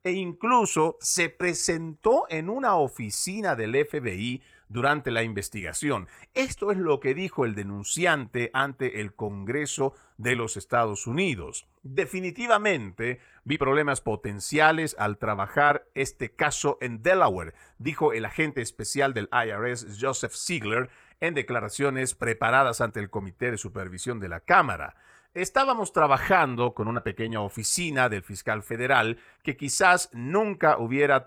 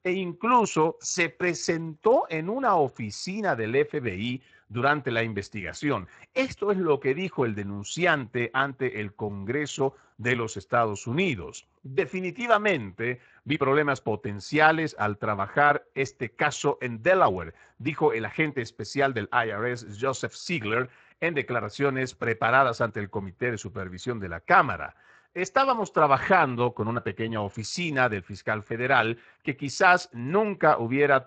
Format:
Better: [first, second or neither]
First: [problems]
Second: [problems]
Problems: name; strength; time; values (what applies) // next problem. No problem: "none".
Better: first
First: none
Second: garbled, watery; slightly; nothing above 7.5 kHz